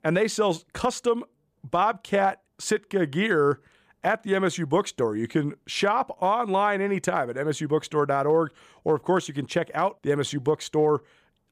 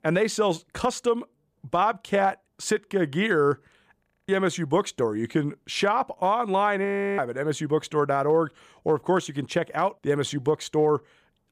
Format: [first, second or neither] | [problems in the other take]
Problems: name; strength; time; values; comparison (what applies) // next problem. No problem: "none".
first | audio freezing; at 4 s and at 7 s